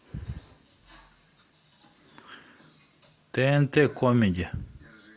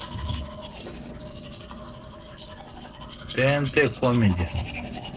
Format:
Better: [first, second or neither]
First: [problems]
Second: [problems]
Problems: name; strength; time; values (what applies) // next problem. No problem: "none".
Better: first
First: none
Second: noise reduction (neural separator model SepFormer DNS4)